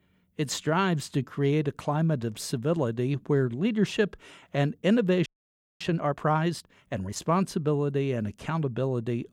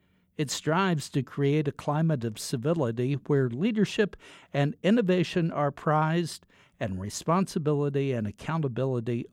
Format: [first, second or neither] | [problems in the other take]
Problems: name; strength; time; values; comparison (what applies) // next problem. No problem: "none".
second | audio freezing; at 5.5 s for 0.5 s